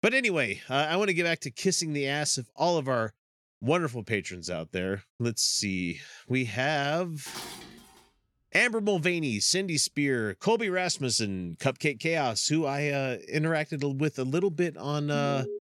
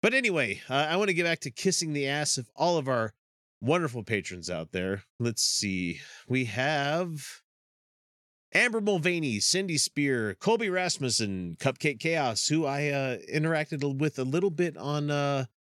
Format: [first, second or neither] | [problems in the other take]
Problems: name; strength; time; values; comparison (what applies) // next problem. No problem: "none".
second | clattering dishes; faint; at 7.5 s; peak 10 dB below the speech // alarm; noticeable; at 15 s; peak 8 dB below the speech